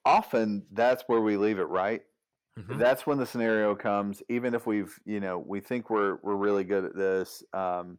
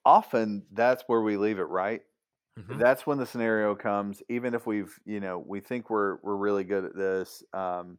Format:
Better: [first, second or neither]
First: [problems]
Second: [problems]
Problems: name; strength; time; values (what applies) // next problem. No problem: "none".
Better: second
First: distortion; slight; 10 dB below the speech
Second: none